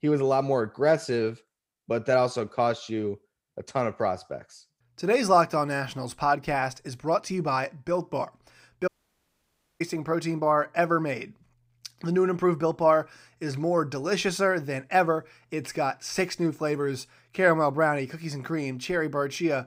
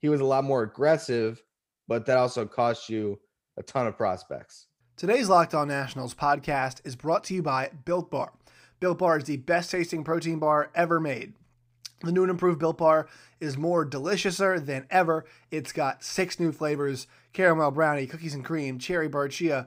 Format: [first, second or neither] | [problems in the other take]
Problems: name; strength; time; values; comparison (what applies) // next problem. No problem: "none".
second | audio cutting out; at 9 s for 1 s